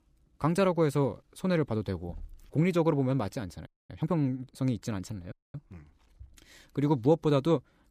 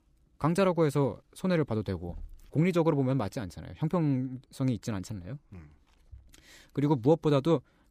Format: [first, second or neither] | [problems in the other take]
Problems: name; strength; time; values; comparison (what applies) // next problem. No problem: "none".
second | audio freezing; at 3.5 s and at 5.5 s